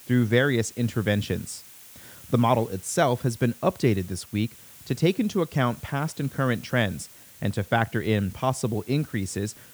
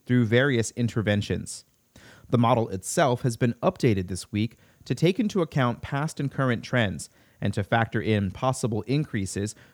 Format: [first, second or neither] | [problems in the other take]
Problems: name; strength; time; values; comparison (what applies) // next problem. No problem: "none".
second | hiss; faint; throughout; 20 dB below the speech